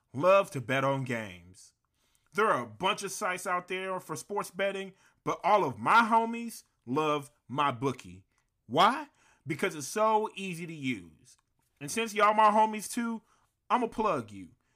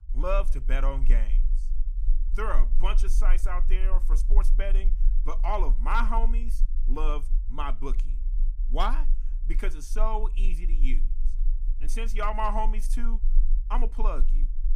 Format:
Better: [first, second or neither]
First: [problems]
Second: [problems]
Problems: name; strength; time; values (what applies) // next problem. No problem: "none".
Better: first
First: none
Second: low rumble; faint; throughout; 25 dB below the speech